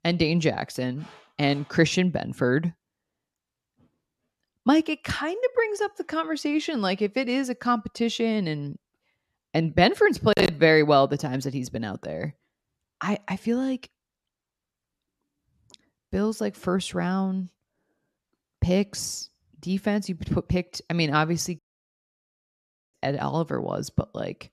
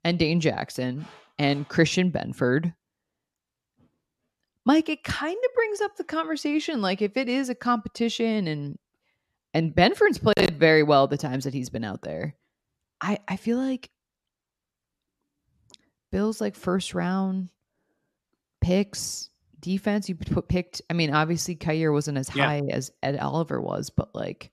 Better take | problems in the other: second | audio cutting out; at 22 s for 1.5 s

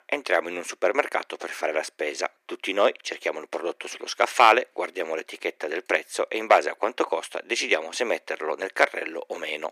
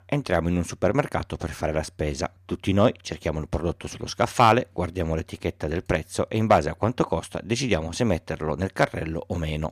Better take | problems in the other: second | thin; very; fading below 350 Hz

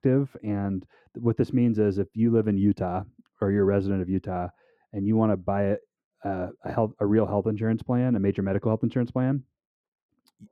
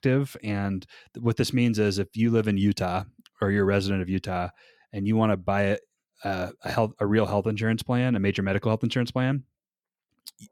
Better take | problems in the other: second | muffled; very; fading above 2 kHz

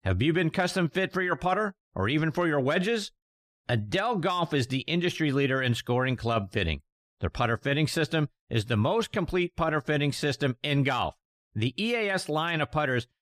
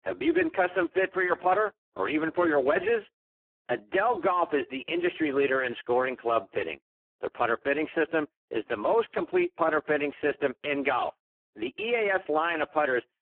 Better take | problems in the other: first | phone-call audio; poor line

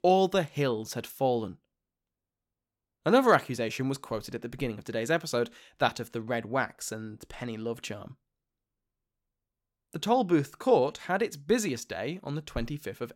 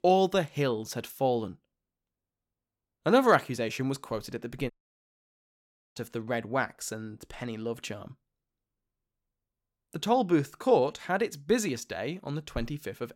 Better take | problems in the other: first | audio cutting out; at 4.5 s for 1.5 s

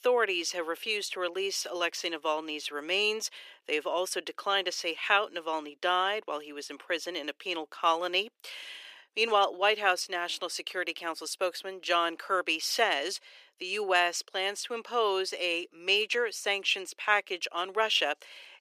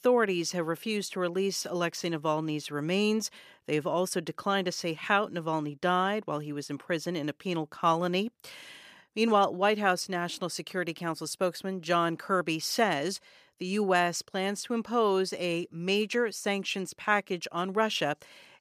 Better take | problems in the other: second | thin; very; fading below 350 Hz

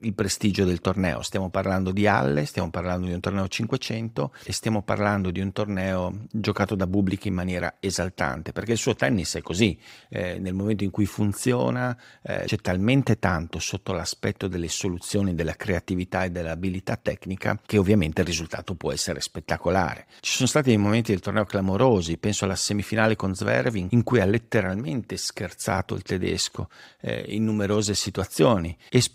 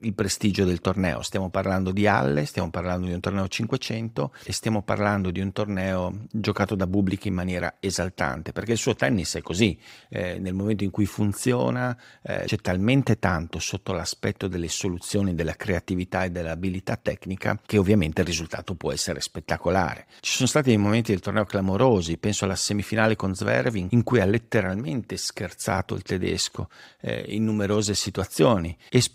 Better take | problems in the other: neither | none

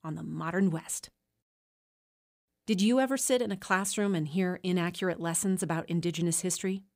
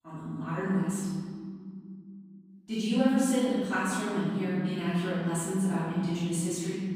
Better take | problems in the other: first | room echo; strong; dies away in 2.2 s // off-mic speech; far

